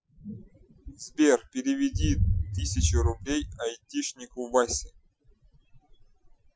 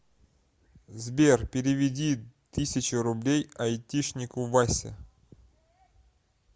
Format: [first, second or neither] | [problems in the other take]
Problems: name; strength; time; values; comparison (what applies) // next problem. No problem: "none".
second | noise reduction (classical method Wiener filter)